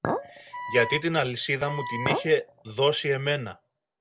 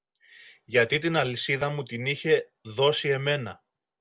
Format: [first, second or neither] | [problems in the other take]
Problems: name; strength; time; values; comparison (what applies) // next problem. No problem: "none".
second | background sound (Wind instrument, woodwind instrument + Chink, clink); 8 dB below the speech